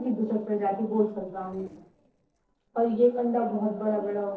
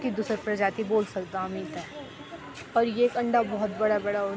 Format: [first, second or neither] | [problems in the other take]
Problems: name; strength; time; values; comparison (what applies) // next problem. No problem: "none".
second | noise reduction (neural separator model SepFormer DNS4)